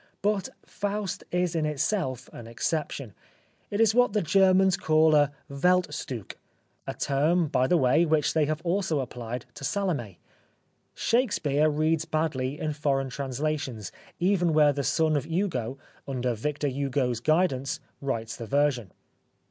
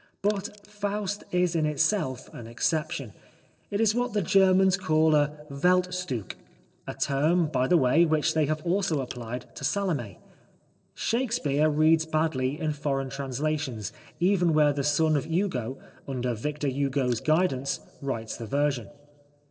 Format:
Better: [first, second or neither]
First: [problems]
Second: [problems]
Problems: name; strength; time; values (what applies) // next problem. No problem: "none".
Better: first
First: none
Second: noise reduction (neural separator model SepFormer DNS4)